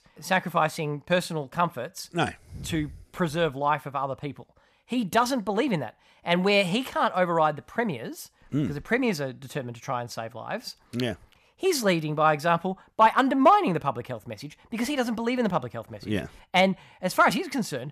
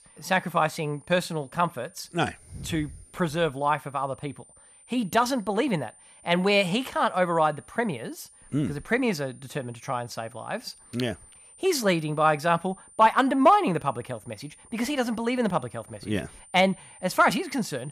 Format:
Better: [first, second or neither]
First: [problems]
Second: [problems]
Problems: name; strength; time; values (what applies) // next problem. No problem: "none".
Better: first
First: none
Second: high-pitched whine; faint; throughout; 9 kHz, 25 dB below the speech